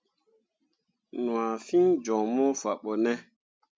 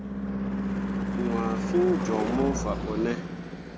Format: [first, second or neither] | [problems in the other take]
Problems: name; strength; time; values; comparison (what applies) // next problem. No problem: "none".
first | background sound (Car passing by / Engine / Truck); as loud as the speech